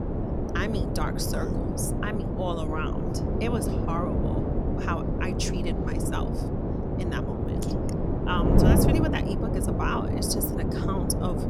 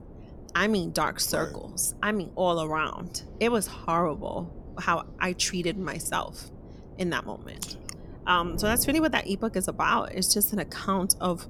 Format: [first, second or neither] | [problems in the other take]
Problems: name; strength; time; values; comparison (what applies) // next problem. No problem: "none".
second | wind noise on the microphone; heavy; as loud as the speech; occasional gusts in the second